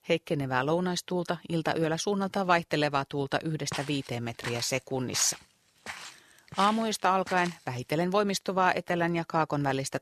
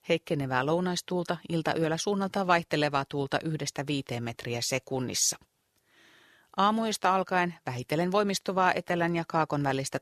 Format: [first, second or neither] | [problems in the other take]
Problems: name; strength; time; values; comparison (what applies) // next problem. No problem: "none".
second | footsteps; noticeable; from 3.5 to 7.5 s; peak 10 dB below the speech